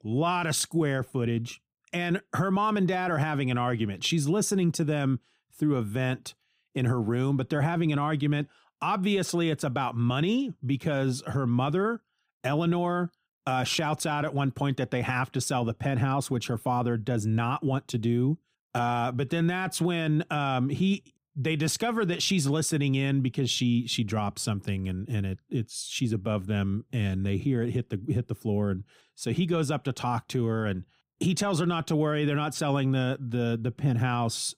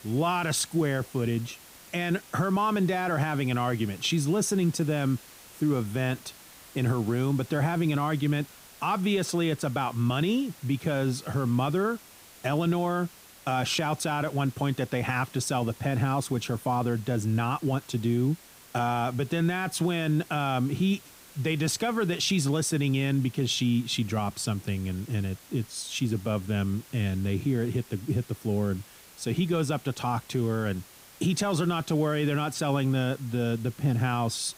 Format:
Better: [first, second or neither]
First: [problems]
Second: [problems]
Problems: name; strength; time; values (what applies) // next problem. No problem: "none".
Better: first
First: none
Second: hiss; faint; throughout; 20 dB below the speech